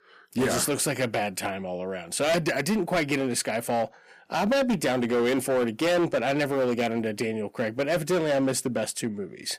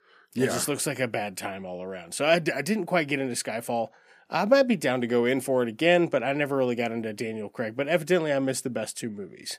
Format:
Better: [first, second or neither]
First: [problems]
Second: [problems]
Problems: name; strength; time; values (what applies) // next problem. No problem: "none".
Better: second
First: distortion; heavy; 12% of the sound clipped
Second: none